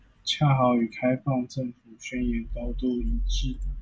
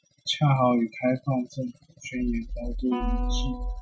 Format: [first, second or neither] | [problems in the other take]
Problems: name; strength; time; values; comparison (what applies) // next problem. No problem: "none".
first | noise reduction (classical method Wiener filter)